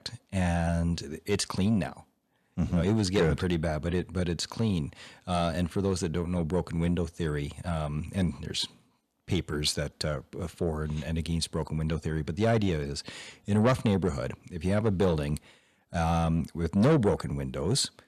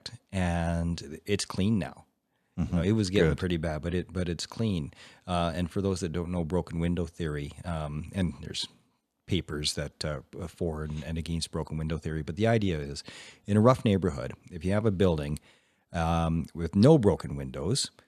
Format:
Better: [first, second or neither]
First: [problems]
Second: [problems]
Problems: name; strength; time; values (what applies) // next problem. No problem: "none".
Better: second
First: distortion; slight; 10 dB below the speech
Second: none